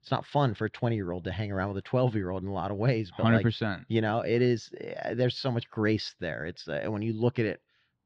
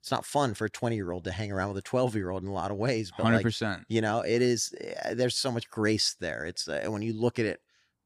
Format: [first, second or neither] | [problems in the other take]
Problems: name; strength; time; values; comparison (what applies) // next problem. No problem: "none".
second | muffled; slightly; fading above 3.5 kHz